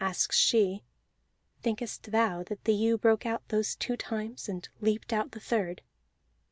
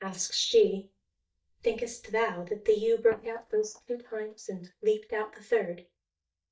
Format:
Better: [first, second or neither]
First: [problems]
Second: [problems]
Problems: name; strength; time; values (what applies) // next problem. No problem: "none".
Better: first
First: none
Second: noise reduction (neural mask model DeepFilterNet 3)